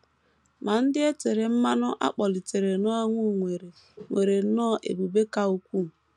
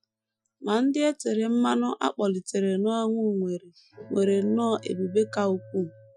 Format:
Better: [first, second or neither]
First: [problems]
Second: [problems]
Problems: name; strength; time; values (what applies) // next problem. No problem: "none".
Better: first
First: none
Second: noise reduction (classical method Wiener filter)